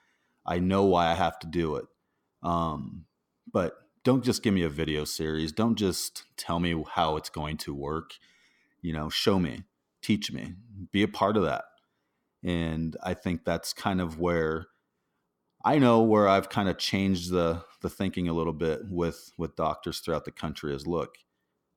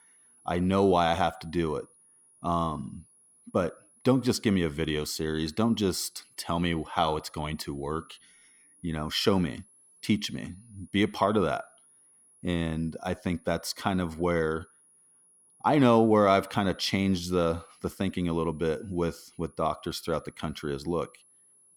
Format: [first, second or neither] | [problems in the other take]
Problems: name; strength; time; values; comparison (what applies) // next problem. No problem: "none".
first | high-pitched whine; faint; throughout; 10.5 kHz, 30 dB below the speech